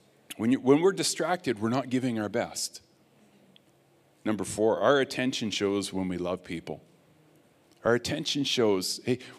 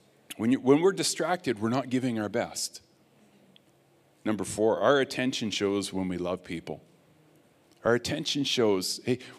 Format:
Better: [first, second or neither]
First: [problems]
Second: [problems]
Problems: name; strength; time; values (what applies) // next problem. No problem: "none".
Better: neither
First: none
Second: none